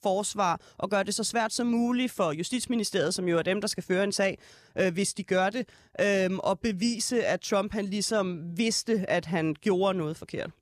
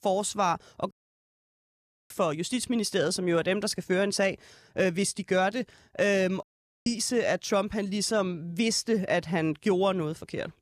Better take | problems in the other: first | audio cutting out; at 1 s for 1 s and at 6.5 s

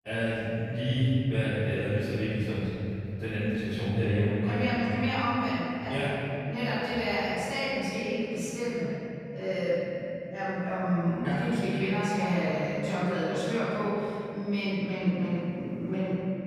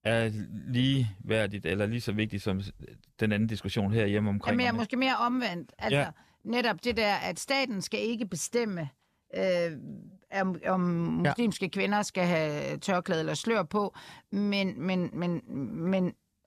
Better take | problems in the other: second | off-mic speech; far // room echo; strong; dies away in 3 s

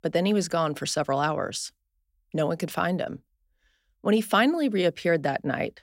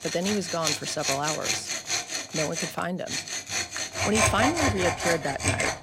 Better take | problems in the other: first | machinery noise; very loud; throughout; 2 dB above the speech

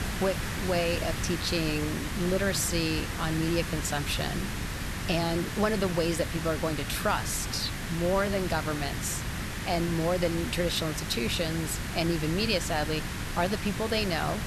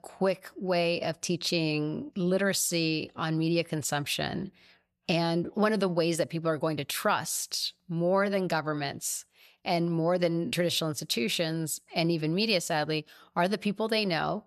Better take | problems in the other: second | hiss; loud; throughout; 4 dB below the speech

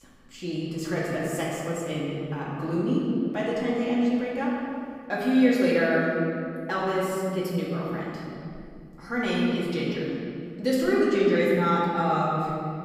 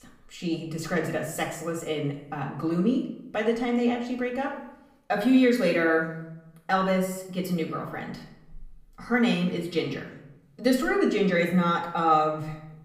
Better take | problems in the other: second | room echo; strong; dies away in 2.4 s; slight in the second // off-mic speech; far; far in the second

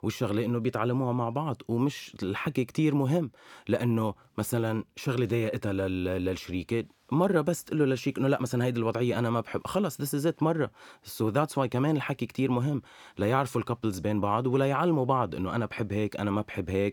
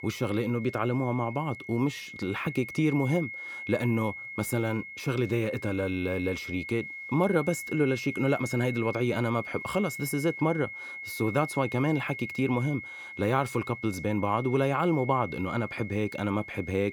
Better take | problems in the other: first | high-pitched whine; loud; throughout; 2 kHz, 9 dB below the speech

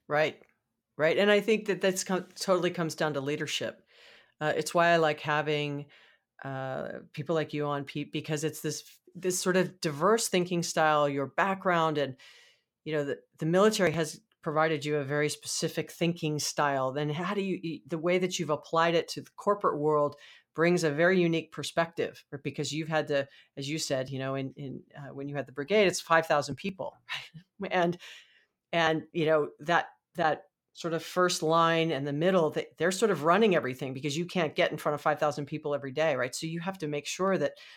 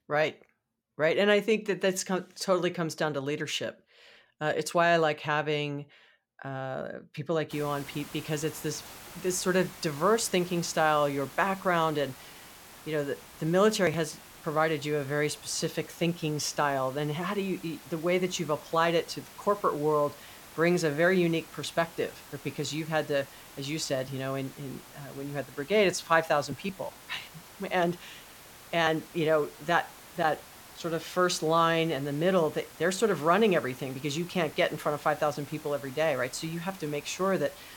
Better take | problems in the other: first | hiss; noticeable; from 7.5 s on; 20 dB below the speech

